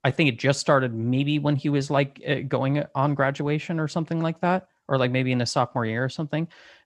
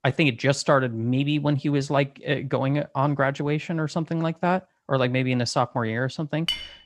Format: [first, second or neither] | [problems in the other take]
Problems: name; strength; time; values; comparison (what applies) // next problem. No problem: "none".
first | clattering dishes; noticeable; at 6.5 s; peak 4 dB below the speech